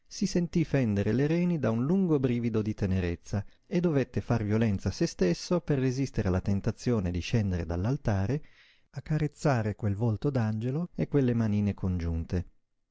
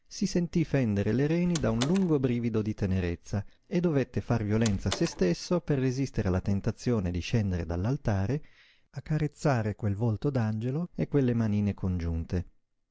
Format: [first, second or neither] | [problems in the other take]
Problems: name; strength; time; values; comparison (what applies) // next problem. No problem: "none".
first | background sound (Door); 11 dB below the speech